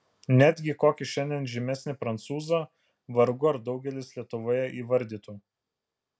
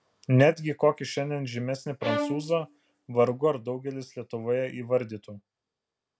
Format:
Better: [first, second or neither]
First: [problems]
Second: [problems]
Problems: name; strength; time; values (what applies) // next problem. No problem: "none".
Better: first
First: none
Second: background sound (Bowed string instrument); 5 dB below the speech